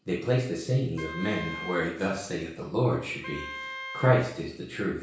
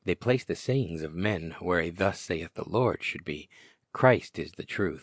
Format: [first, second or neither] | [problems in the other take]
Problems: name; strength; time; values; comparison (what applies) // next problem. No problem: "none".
second | background sound (Wind instrument, woodwind instrument); 13 dB below the speech // room echo; dies away in 0.6 s